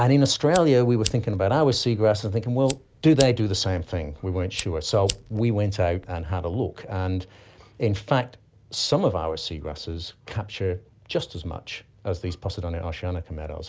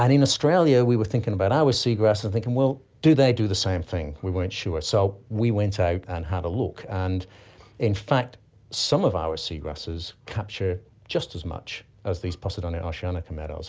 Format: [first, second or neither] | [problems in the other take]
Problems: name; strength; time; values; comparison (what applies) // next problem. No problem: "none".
second | background sound (Fire); 14 dB below the speech